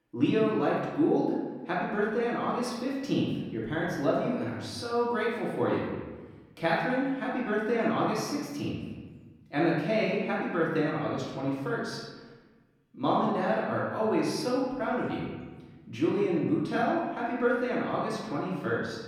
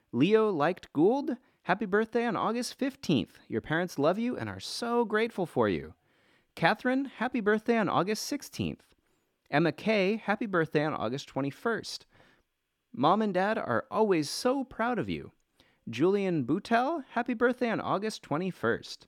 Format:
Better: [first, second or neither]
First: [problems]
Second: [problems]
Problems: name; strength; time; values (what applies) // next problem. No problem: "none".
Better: second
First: room echo; noticeable; dies away in 1.3 s // off-mic speech; far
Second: none